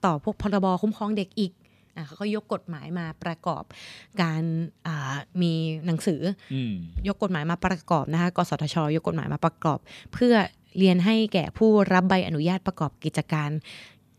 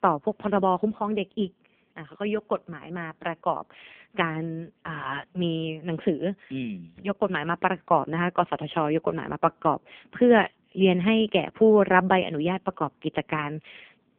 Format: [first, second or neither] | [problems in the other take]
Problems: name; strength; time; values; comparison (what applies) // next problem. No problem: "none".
first | phone-call audio; poor line; nothing above 3.5 kHz